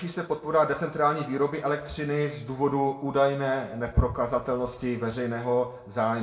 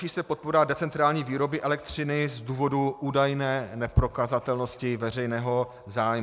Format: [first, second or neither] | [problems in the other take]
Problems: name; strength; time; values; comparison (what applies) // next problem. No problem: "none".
second | room echo; dies away in 0.6 s